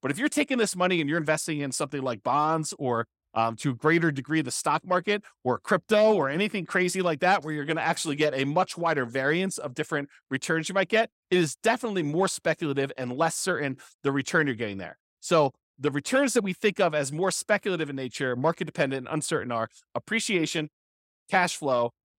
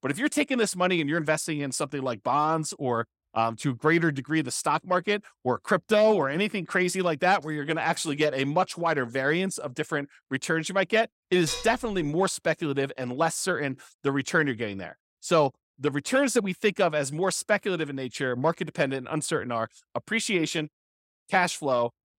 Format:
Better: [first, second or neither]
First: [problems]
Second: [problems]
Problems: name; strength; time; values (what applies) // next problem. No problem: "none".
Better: first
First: none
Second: clattering dishes; noticeable; at 11 s; peak 6 dB below the speech